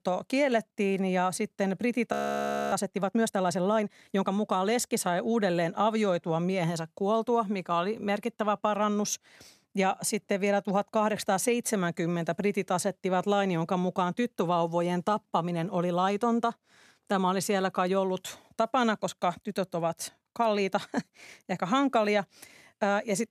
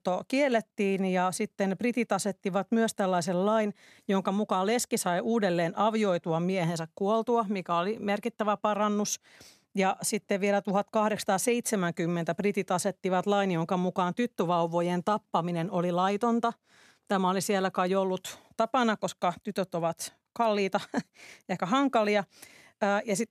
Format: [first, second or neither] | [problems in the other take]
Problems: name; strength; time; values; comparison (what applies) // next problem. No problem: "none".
second | audio freezing; at 2 s for 0.5 s